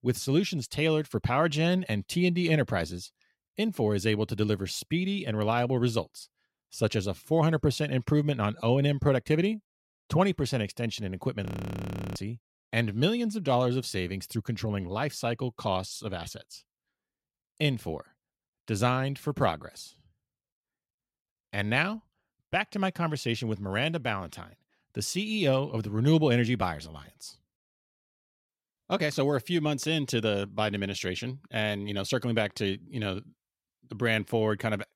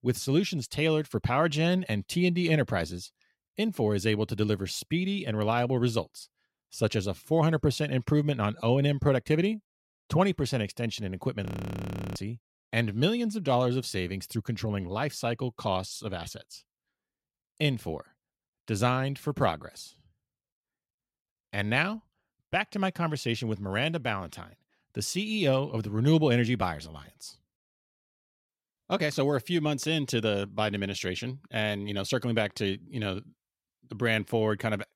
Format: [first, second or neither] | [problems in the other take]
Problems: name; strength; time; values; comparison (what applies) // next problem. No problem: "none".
neither | audio freezing; at 11 s for 0.5 s; the same in both